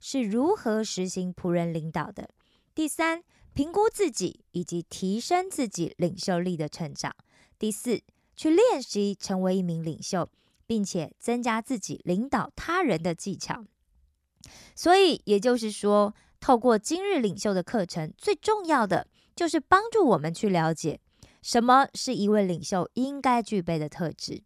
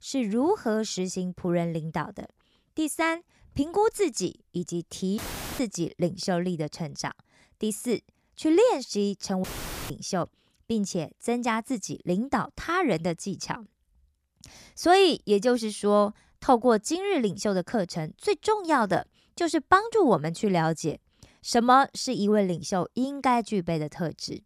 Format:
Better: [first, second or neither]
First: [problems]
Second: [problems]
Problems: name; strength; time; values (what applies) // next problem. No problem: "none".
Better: first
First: none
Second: audio cutting out; filled with static; at 5 s and at 9.5 s